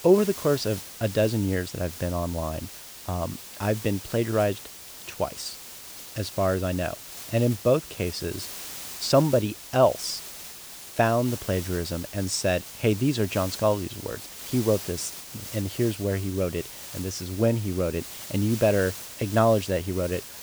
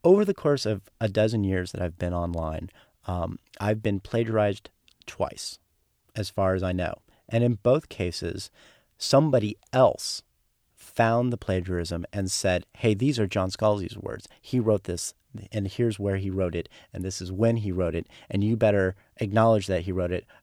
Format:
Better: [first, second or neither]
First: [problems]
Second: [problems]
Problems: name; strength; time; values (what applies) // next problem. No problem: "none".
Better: second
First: hiss; noticeable; throughout; 10 dB below the speech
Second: none